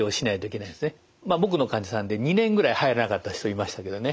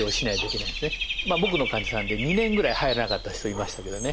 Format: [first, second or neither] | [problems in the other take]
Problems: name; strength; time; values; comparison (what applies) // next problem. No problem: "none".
first | background sound (Bird / Dog); 4 dB below the speech